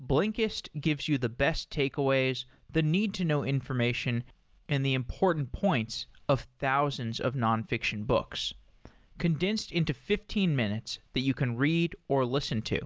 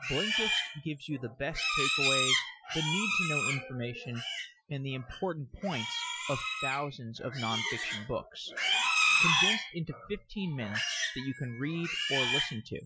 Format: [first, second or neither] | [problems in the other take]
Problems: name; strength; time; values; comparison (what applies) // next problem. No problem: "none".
first | noise reduction (classical method Wiener filter)